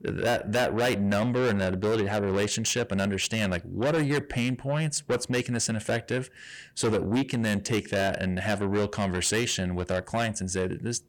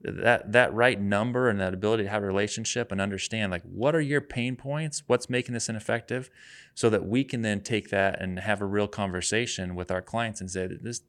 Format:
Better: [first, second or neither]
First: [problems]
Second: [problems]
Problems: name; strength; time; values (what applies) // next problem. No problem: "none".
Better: second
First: distortion; heavy; 6 dB below the speech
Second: none